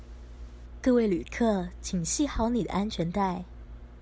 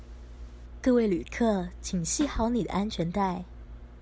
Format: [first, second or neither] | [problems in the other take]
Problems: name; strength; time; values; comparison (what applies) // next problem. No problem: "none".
first | background sound (Snare drum); 19 dB below the speech